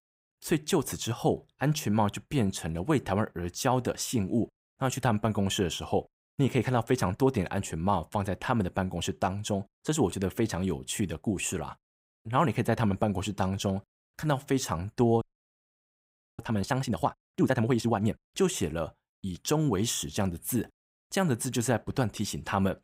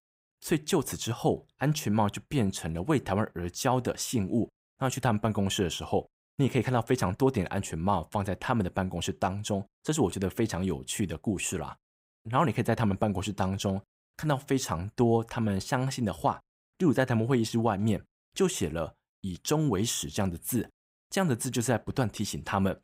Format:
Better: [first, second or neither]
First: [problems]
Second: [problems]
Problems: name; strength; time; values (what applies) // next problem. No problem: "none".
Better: second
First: audio freezing; at 15 s for 1 s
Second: none